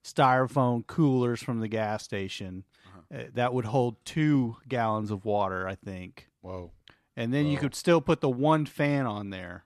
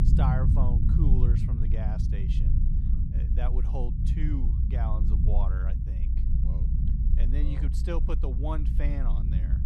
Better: first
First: none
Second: low rumble; loud; throughout; 2 dB below the speech

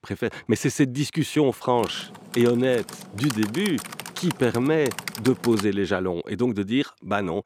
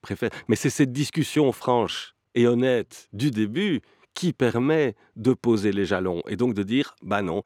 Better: second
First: keyboard typing; noticeable; from 2 to 5.5 s; peak 8 dB below the speech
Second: none

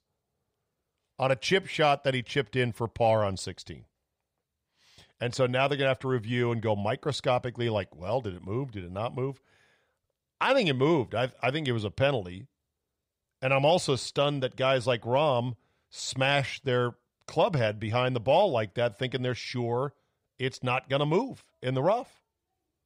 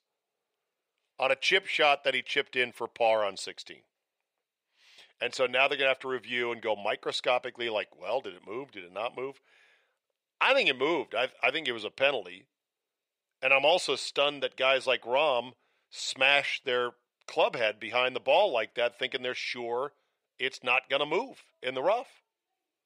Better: first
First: none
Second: thin; somewhat; fading below 450 Hz

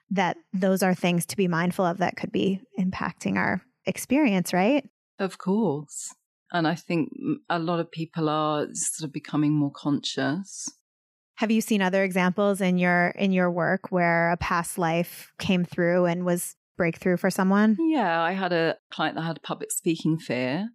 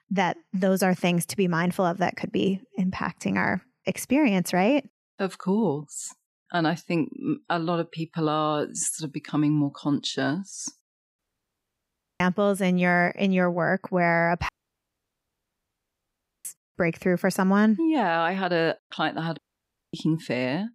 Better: first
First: none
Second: audio cutting out; at 11 s for 1 s, at 14 s for 2 s and at 19 s for 0.5 s

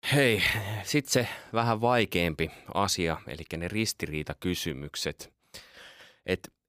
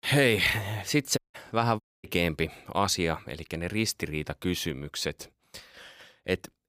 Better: first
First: none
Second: audio cutting out; at 1 s and at 2 s

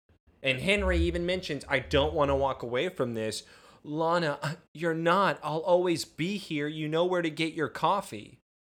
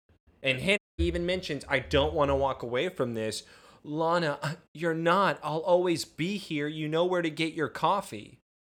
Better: first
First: none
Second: audio cutting out; at 1 s

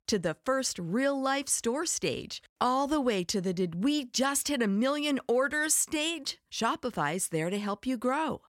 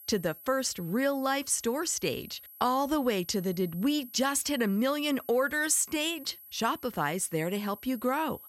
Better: first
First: none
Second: high-pitched whine; noticeable; throughout; 11.5 kHz, 20 dB below the speech

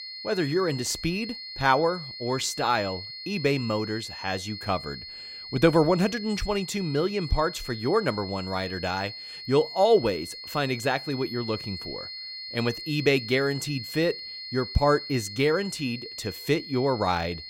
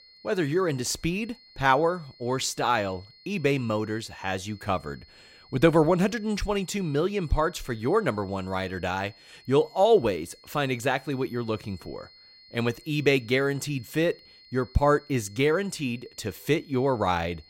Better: second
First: high-pitched whine; loud; throughout; 4.5 kHz, 10 dB below the speech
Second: high-pitched whine; faint; throughout; 4.5 kHz, 25 dB below the speech

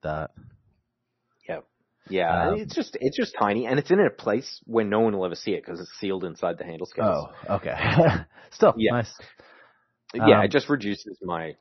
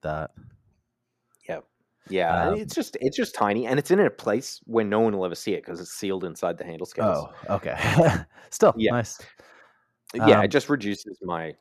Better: second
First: garbled, watery; slightly; nothing above 6 kHz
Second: none

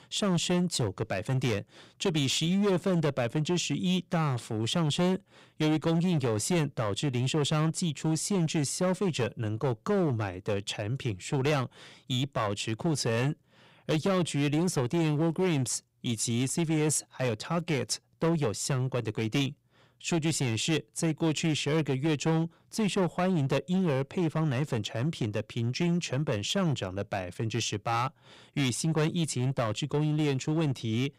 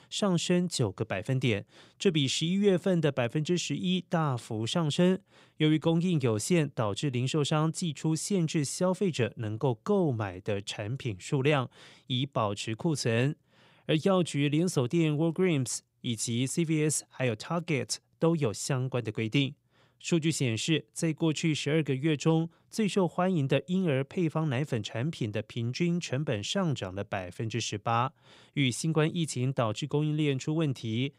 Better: second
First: distortion; slight; 11% of the sound clipped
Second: none

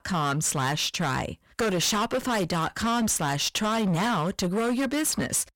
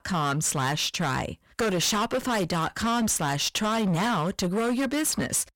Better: neither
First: distortion; heavy; 22% of the sound clipped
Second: distortion; heavy; 22% of the sound clipped

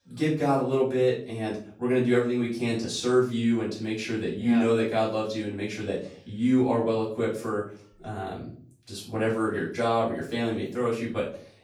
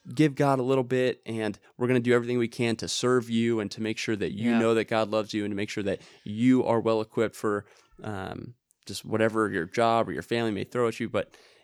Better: second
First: room echo; slight; dies away in 0.4 s // off-mic speech; far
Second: none

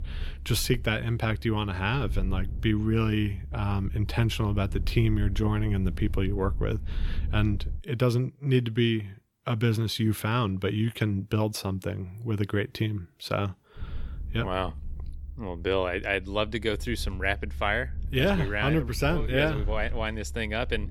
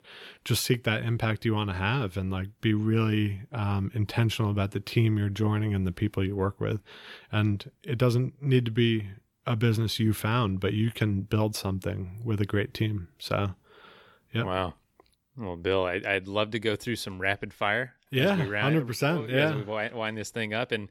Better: second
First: low rumble; faint; until 8 s and from 14 s on; 25 dB below the speech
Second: none

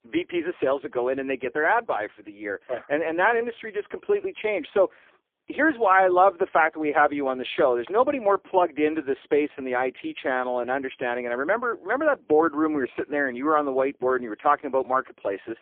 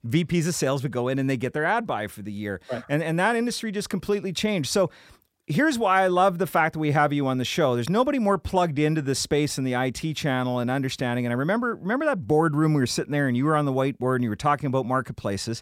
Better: second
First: phone-call audio; poor line; nothing above 3.5 kHz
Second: none

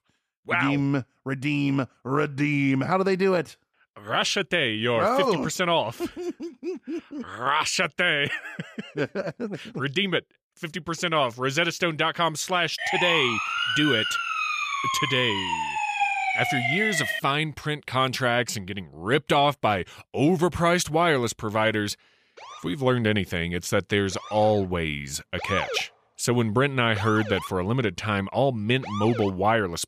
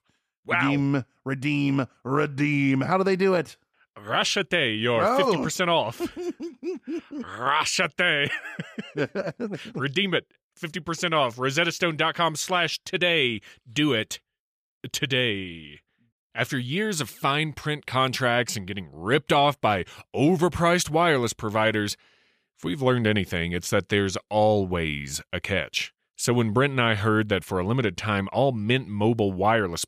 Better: second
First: siren; loud; from 13 to 17 s; peak 1 dB above the speech // siren; noticeable; from 22 to 29 s; peak 6 dB below the speech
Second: none

